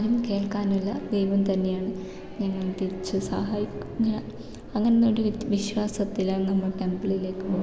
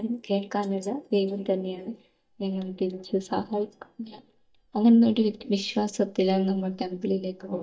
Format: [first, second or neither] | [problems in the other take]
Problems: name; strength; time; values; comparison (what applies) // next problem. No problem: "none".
first | noise reduction (neural mask model DeepFilterNet 3)